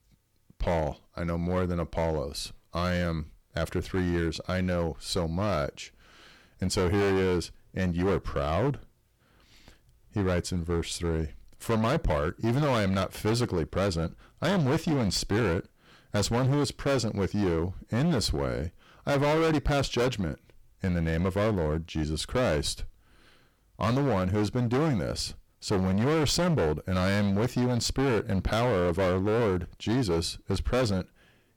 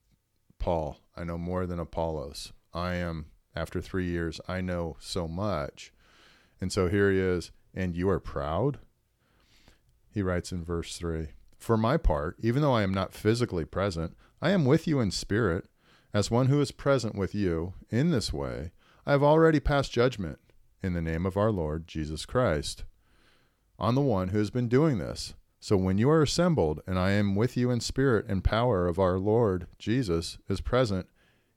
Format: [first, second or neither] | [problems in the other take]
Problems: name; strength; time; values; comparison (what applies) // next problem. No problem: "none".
second | distortion; heavy; 16% of the sound clipped